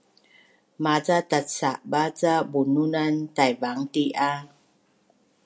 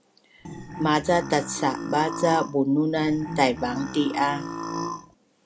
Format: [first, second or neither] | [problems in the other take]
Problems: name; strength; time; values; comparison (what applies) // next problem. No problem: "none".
first | background sound (Burping, eructation); 8 dB below the speech